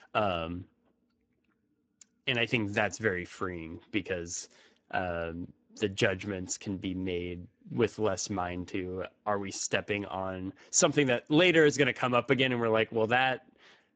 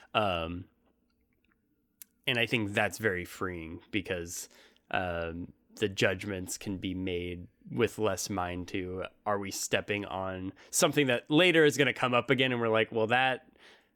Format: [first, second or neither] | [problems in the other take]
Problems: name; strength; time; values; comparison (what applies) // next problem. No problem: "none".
second | garbled, watery; badly